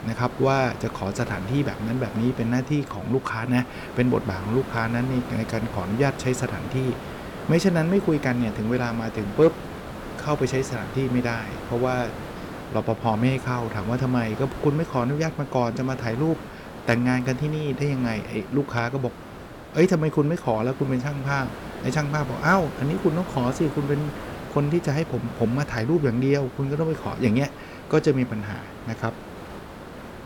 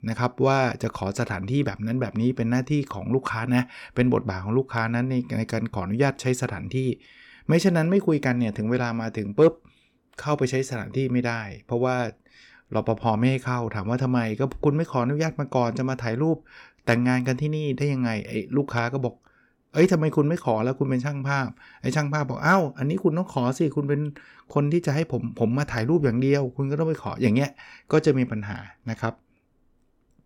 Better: second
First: hiss; noticeable; throughout; 10 dB below the speech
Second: none

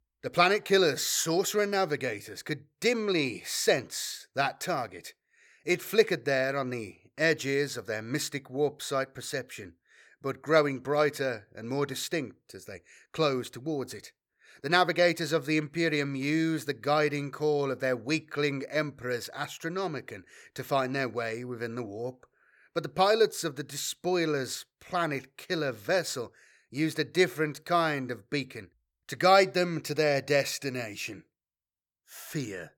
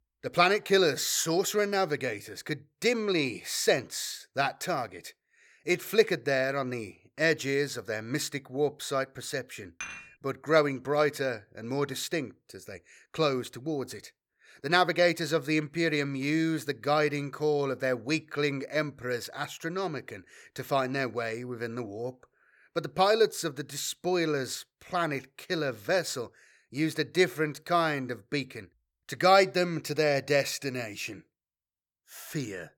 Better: first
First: none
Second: clattering dishes; faint; at 10 s; peak 10 dB below the speech

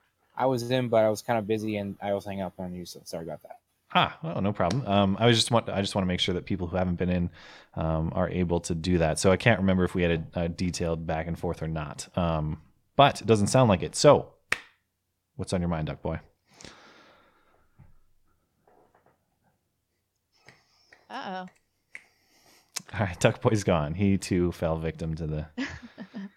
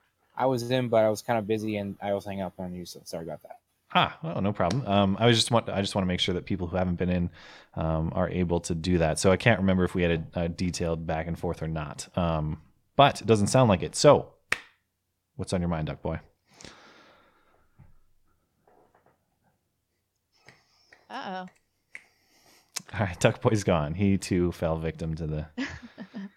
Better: neither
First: none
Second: none

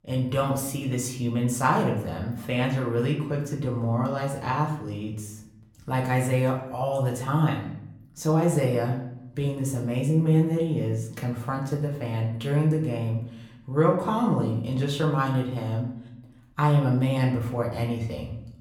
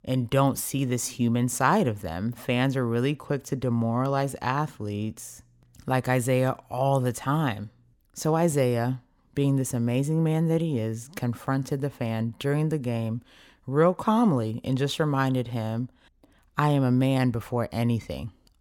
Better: second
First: room echo; slight; dies away in 0.6 s // off-mic speech; far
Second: none

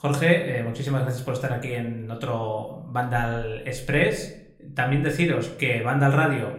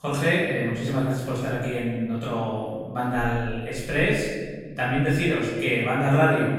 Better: first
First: room echo; slight; dies away in 0.5 s // off-mic speech; somewhat distant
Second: room echo; strong; dies away in 1.2 s // off-mic speech; far

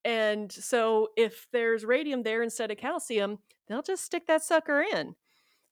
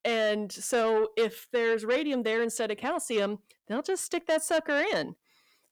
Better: first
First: none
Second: distortion; slight; 10 dB below the speech

